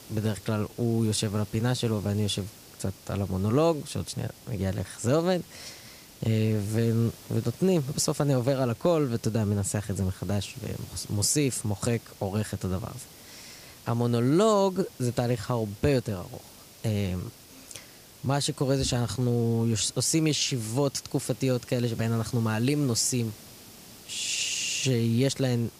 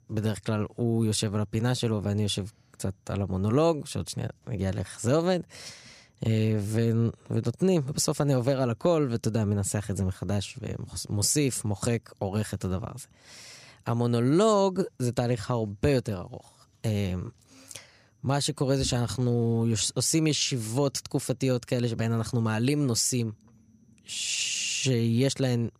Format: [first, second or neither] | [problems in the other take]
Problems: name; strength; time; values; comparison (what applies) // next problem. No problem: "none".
second | hiss; faint; throughout; 20 dB below the speech